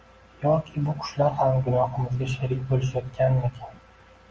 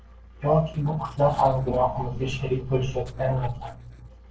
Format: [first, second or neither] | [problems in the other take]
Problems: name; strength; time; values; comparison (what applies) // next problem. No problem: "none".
first | noise reduction (neural separator model SepFormer DNS4)